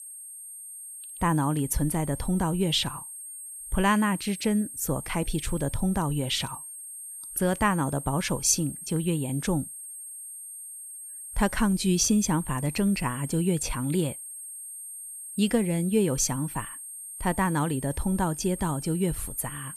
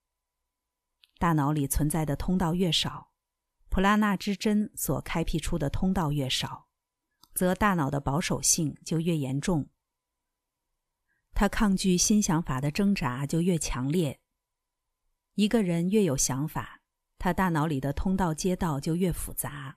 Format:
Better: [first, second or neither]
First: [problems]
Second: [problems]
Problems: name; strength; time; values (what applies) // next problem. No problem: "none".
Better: second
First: high-pitched whine; noticeable; throughout; 8.5 kHz, 10 dB below the speech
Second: none